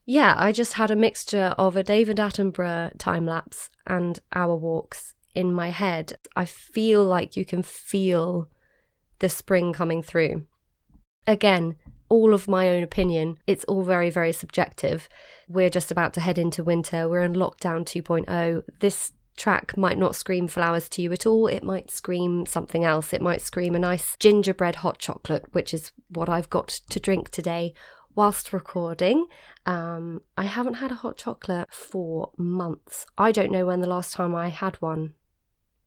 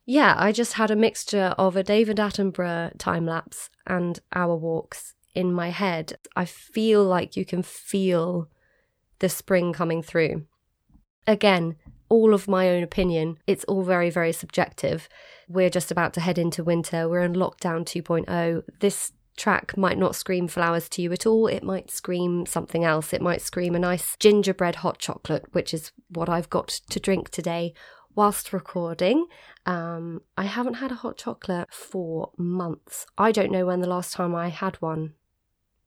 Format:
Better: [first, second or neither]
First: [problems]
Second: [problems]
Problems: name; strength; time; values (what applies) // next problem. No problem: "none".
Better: second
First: garbled, watery; slightly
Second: none